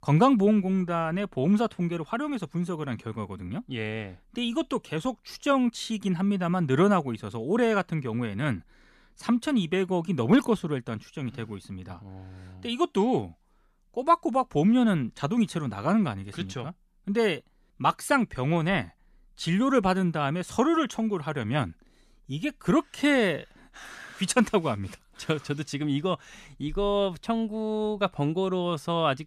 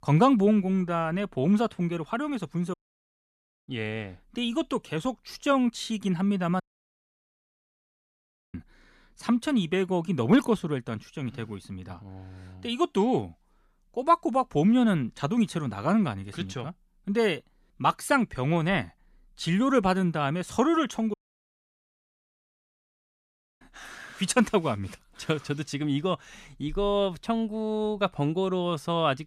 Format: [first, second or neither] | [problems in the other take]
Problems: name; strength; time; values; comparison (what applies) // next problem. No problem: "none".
first | audio cutting out; at 2.5 s for 1 s, at 6.5 s for 2 s and at 21 s for 2.5 s